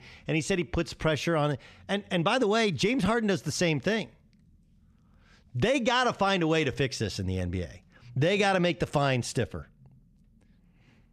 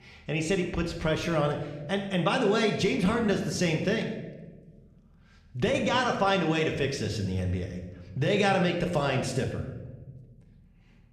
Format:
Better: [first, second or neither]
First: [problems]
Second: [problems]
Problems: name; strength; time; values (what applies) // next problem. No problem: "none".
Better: first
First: none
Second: room echo; slight; dies away in 0.9 s